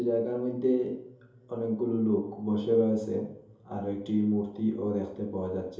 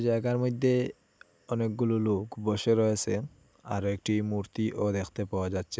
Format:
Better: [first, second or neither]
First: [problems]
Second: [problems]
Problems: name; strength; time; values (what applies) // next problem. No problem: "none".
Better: second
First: room echo; dies away in 2.8 s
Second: none